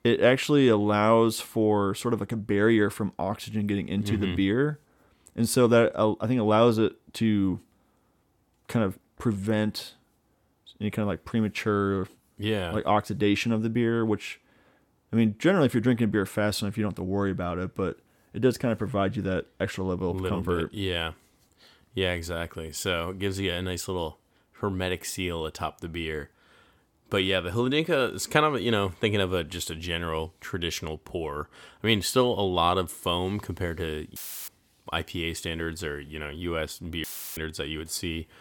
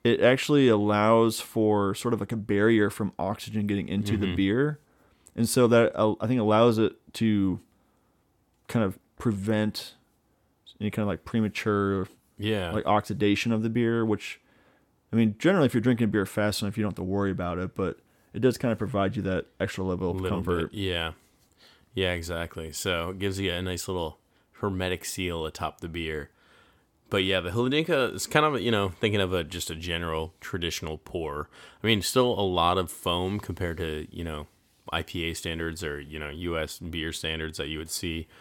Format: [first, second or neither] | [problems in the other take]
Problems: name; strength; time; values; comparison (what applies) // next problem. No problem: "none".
second | audio cutting out; filled with static; at 34 s and at 37 s